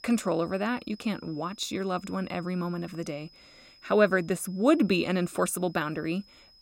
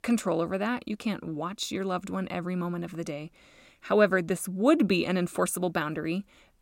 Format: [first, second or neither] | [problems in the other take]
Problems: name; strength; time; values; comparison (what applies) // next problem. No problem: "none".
second | high-pitched whine; faint; throughout; 5 kHz, 25 dB below the speech